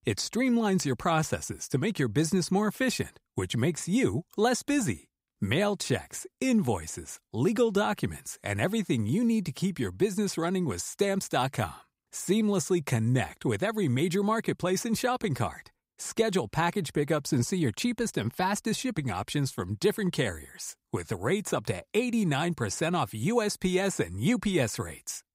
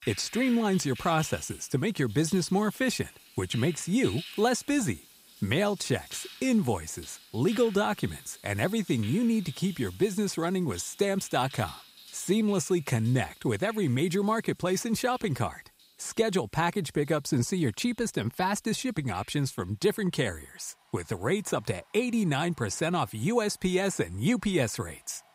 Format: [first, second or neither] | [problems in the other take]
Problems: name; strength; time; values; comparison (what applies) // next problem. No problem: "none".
first | rain or running water; noticeable; throughout; 20 dB below the speech